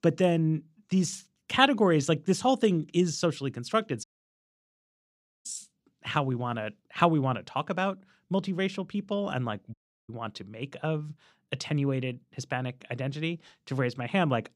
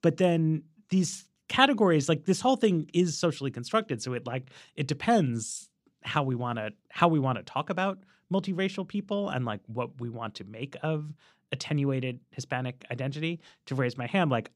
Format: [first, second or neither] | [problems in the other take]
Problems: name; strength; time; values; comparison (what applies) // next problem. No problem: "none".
second | audio cutting out; at 4 s for 1.5 s and at 9.5 s